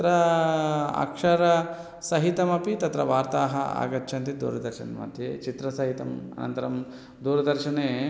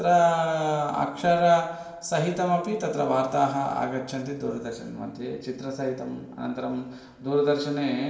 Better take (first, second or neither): first